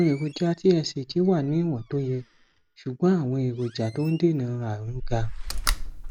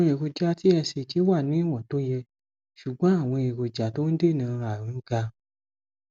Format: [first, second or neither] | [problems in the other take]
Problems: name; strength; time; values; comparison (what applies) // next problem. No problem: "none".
second | background sound (Slam); 8 dB below the speech